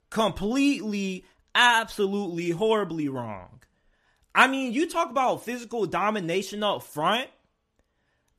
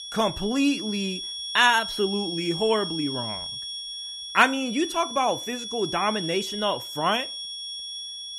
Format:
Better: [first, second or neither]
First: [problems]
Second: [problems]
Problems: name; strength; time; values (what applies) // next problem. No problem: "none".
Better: first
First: none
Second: high-pitched whine; loud; throughout; 3.5 kHz, 7 dB below the speech